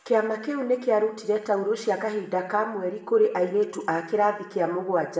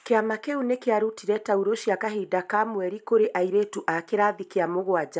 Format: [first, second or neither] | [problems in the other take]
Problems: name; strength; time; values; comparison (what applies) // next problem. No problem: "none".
second | room echo; dies away in 0.8 s